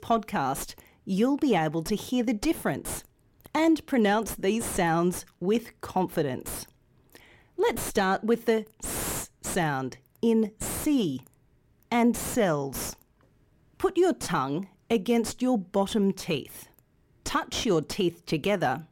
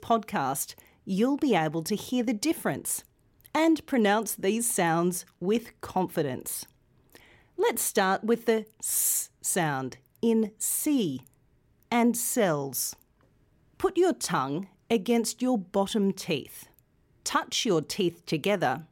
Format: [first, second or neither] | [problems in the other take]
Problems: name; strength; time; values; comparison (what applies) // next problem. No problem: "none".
second | distortion; slight; 6 dB below the speech